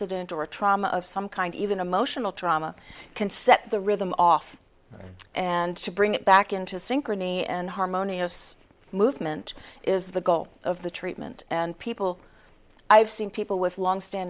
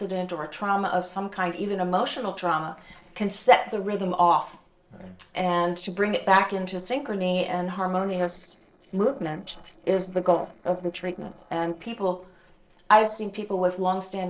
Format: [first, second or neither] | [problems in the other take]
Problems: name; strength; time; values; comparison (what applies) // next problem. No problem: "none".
first | noise reduction (neural separator model SepFormer DNS4)